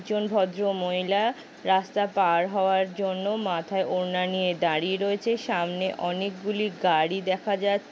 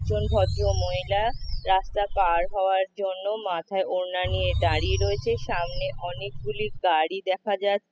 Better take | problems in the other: first | noise reduction (classical method spectral subtraction)

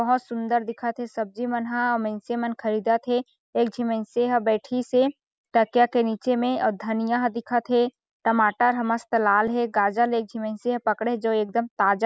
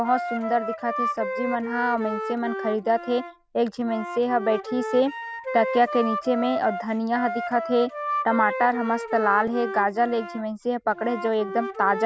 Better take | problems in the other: first | background sound (Wind instrument, woodwind instrument); 7 dB below the speech

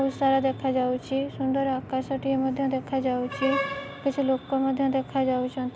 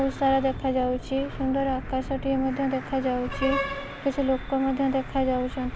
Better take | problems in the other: first | background sound (Traffic noise, roadway noise); 11 dB below the speech

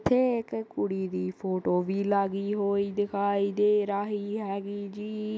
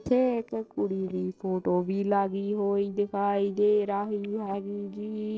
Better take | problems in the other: first | noise reduction (neural separator model SepFormer DNS4)

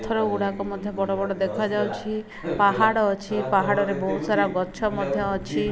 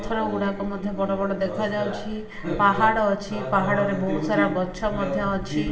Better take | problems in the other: first | room echo; dies away in 0.8 s

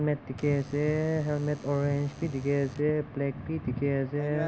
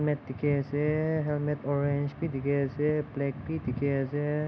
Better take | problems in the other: second | background sound (Alarm / Door); 18 dB below the speech

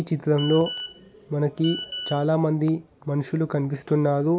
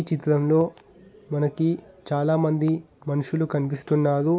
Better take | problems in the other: second | background sound (Telephone); 12 dB below the speech

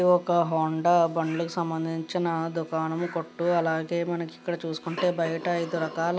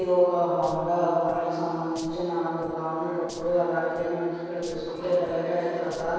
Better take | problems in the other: first | noise reduction (neural separator model SepFormer DNS4)

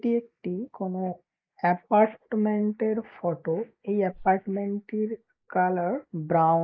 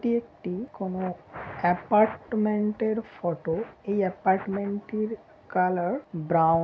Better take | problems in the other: second | noise reduction (neural mask model Resemble Enhance denoiser)

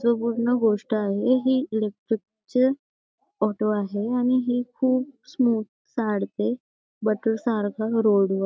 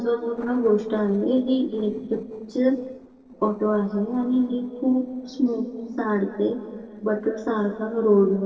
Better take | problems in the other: first | noise reduction (neural separator model SepFormer DNS4)

